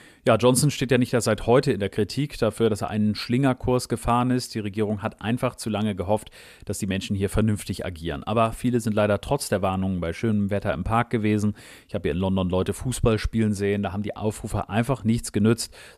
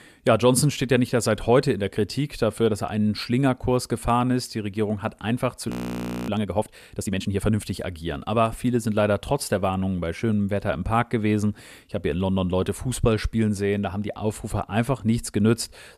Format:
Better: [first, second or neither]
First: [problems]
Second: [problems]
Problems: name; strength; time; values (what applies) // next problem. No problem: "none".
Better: first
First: none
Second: audio freezing; at 5.5 s for 0.5 s